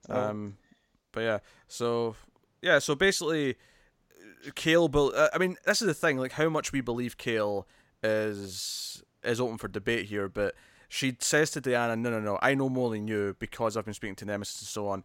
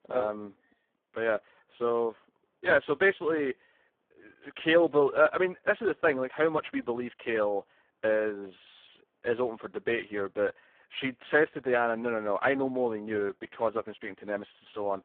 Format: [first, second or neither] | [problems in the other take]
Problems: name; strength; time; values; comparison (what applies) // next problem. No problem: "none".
first | phone-call audio; poor line